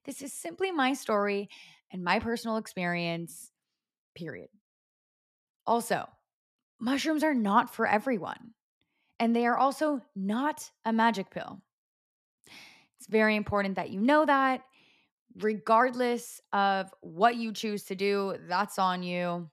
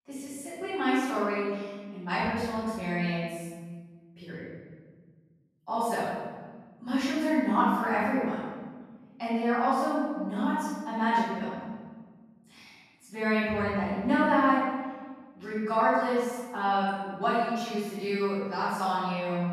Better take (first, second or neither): first